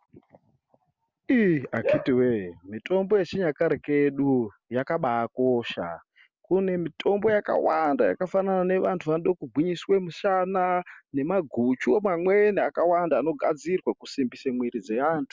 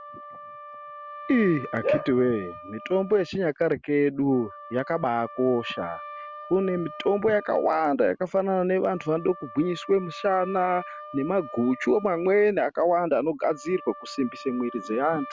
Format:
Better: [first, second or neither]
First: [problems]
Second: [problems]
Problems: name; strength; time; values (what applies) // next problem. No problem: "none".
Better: first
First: none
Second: background sound (Wind instrument, woodwind instrument); 16 dB below the speech